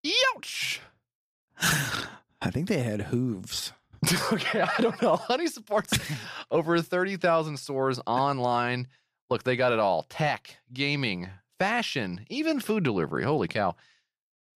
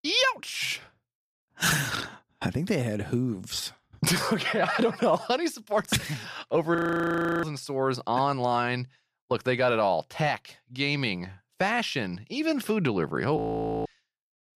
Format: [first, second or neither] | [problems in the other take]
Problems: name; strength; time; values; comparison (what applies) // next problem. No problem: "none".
first | audio freezing; at 7 s for 0.5 s and at 13 s